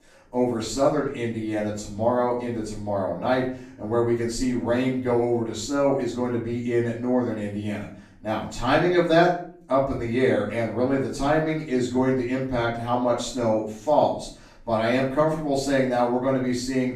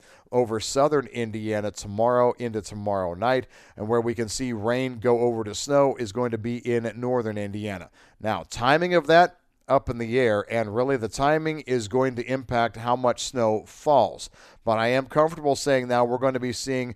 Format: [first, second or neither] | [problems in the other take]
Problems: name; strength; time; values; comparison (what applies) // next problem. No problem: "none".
second | off-mic speech; far // room echo; noticeable; dies away in 0.5 s